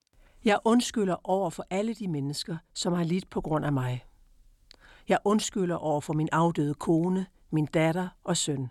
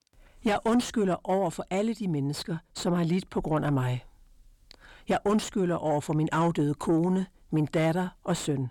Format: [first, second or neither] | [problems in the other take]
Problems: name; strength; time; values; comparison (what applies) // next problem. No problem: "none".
first | distortion; slight; 10 dB below the speech